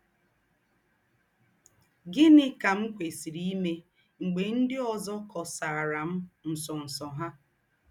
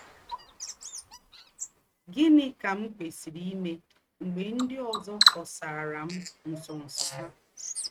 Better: first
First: none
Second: noise reduction (neural mask model RNNoise)

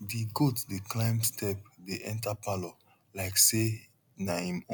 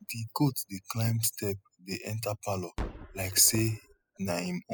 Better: first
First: none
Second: noise reduction (classical method spectral subtraction)

